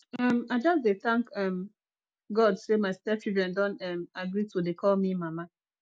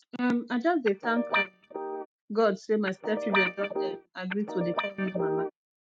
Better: first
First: none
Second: noise reduction (neural mask model RNNoise)

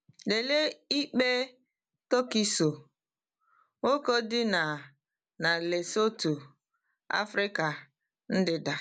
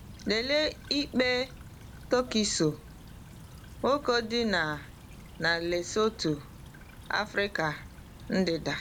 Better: first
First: none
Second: background sound (Stream / Trickle, dribble); 16 dB below the speech

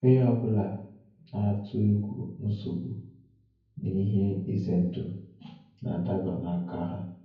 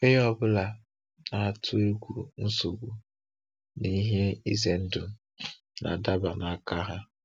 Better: second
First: room echo; dies away in 0.9 s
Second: none

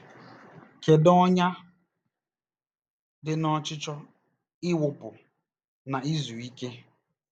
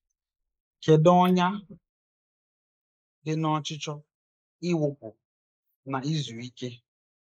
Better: first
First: none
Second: noise reduction (neural mask model Resemble Enhance denoiser)

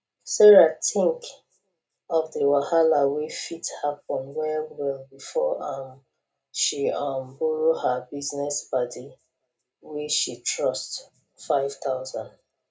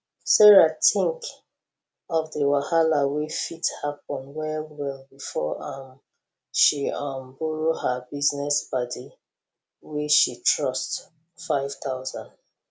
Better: second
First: room echo; dies away in 0.2 s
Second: none

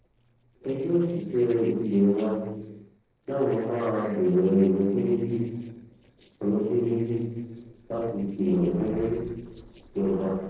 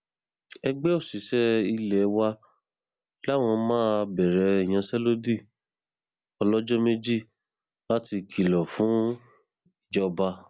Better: second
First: noise reduction (neural separator model SepFormer DNS4)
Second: none

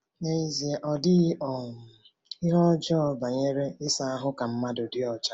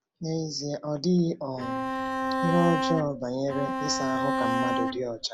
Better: first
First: none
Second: background sound (Bowed string instrument); as loud as the speech

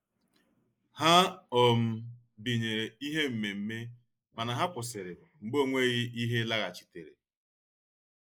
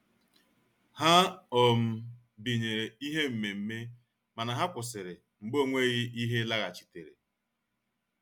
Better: second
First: noise reduction (neural mask model Resemble Enhance denoiser)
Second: none

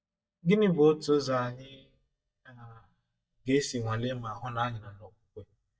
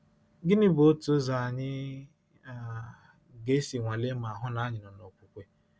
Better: second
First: noise reduction (neural mask model DeepFilterNet 3)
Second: none

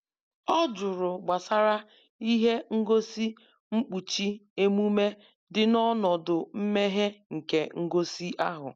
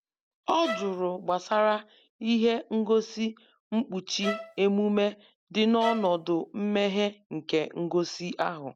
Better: first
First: none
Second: background sound (Bowed string instrument); 10 dB below the speech

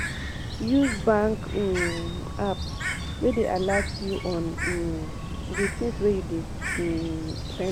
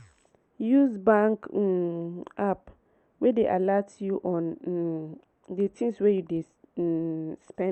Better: second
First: background sound (Bird); 4 dB below the speech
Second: none

